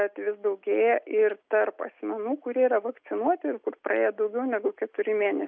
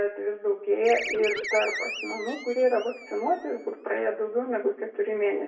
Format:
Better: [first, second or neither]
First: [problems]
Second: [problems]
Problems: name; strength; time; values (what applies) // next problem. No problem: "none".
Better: first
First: none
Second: background sound (Animal); 8 dB below the speech // room echo; dies away in 0.6 s